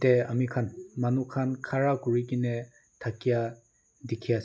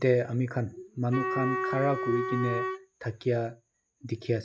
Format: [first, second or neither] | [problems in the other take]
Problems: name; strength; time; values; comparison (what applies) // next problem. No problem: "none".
first | noise reduction (neural mask model RNNoise)